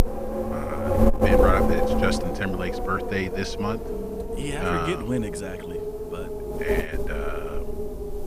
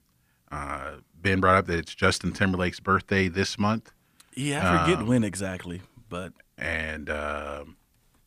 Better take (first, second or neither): second